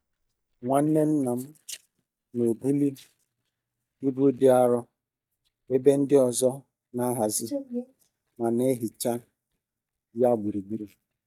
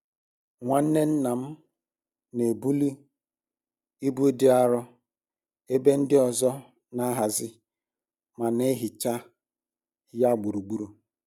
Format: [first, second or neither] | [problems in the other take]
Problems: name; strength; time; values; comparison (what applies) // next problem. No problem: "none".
second | noise reduction (neural mask model DeepFilterNet 3)